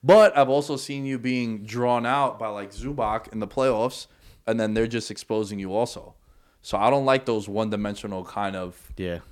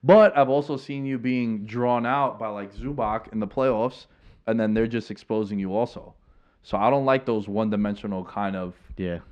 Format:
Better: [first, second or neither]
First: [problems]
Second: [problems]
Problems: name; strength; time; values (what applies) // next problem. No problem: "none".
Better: first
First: none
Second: muffled; slightly; fading above 3 kHz